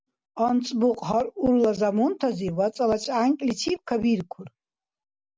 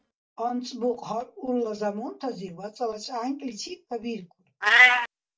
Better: first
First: none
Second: noise reduction (neural mask model DeepFilterNet 3)

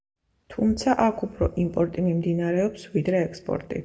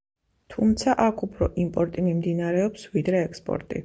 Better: second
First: room echo; dies away in 1.1 s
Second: none

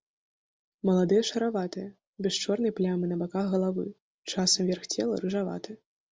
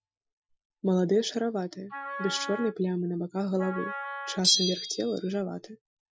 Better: first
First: none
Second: noise reduction (classical method Wiener filter)

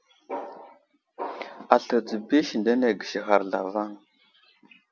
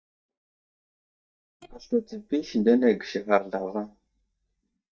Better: first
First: none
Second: noise reduction (neural mask model DeepFilterNet 3)

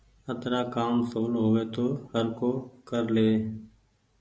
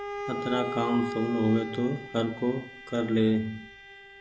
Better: first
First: none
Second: background sound (Bowed string instrument); 9 dB below the speech

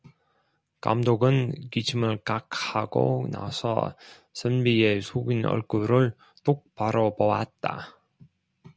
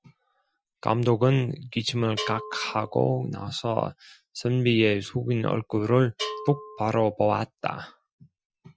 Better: first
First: none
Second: noise reduction (classical method Wiener filter)

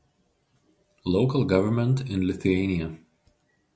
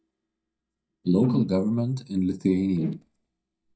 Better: first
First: none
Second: noise reduction (neural mask model DeepFilterNet 3)

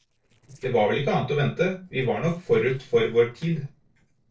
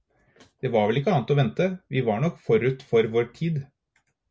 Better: second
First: noise reduction (neural separator model SepFormer DNS4)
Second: none

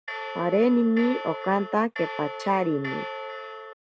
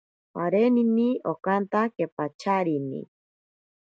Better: second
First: background sound (Bell); 10 dB below the speech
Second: none

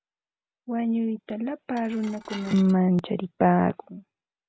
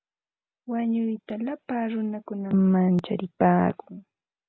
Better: second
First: background sound (Dishes, pots, and pans / Glass); 18 dB below the speech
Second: none

